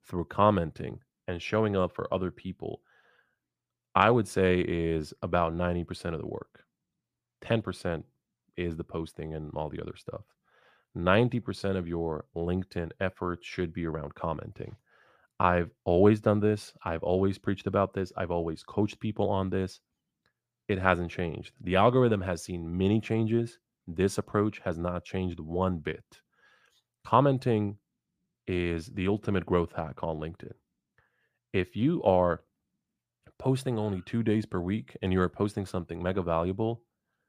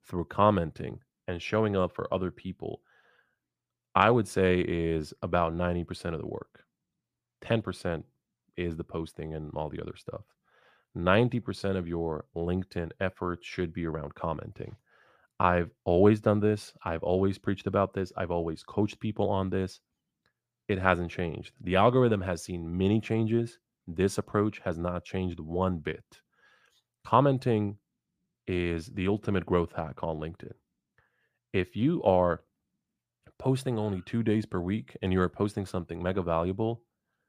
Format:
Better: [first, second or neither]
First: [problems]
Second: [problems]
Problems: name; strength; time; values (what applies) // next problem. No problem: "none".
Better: neither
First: none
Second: none